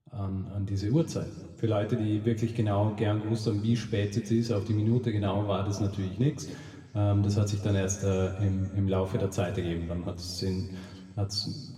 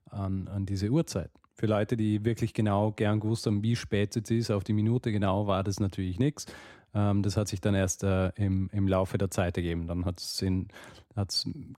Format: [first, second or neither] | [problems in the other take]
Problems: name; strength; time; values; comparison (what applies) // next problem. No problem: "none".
second | room echo; slight; dies away in 1.8 s // off-mic speech; somewhat distant